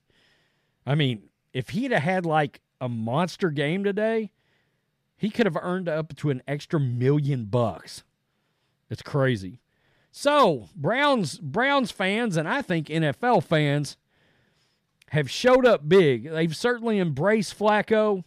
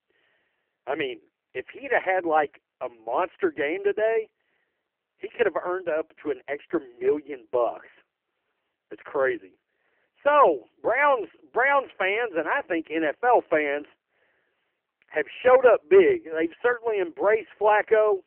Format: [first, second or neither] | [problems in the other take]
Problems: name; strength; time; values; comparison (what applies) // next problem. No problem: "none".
first | phone-call audio; poor line; nothing above 3 kHz